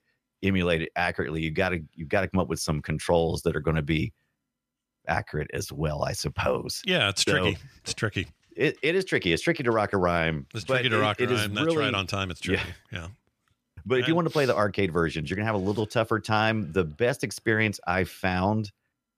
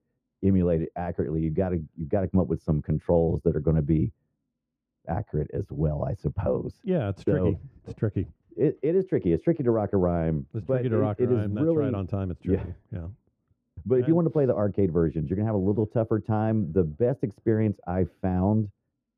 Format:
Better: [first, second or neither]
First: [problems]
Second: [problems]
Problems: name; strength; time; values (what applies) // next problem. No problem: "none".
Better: first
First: none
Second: muffled; very; fading above 1.5 kHz